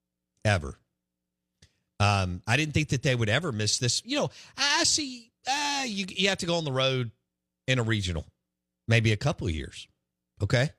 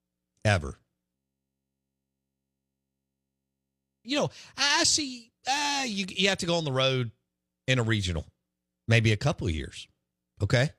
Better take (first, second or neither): first